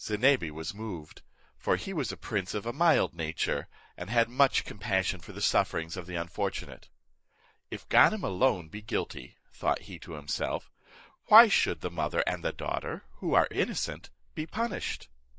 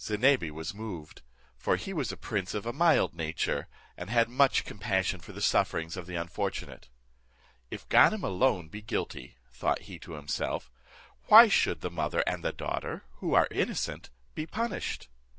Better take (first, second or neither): second